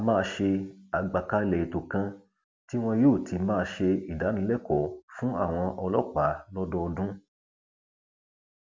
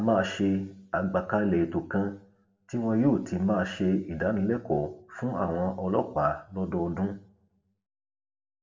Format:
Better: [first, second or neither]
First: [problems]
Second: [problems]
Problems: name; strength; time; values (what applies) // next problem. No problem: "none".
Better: first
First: none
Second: room echo; dies away in 0.5 s